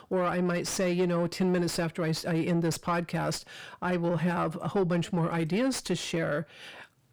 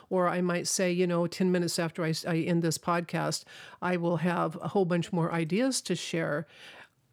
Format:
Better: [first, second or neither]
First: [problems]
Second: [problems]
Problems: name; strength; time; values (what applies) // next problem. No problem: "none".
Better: second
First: distortion; slight; 10 dB below the speech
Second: none